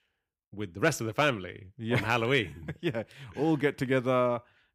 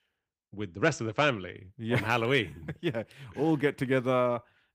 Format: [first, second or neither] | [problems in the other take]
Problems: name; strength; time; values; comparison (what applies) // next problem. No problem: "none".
first | garbled, watery; slightly; nothing above 15.5 kHz